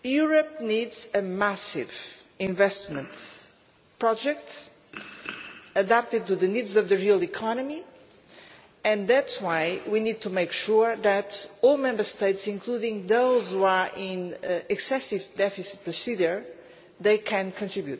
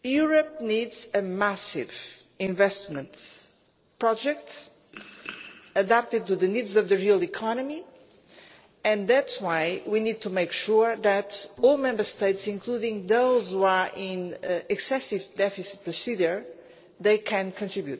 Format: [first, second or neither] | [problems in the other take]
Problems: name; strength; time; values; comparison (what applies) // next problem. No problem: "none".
first | noise reduction (neural separator model SepFormer DNS4)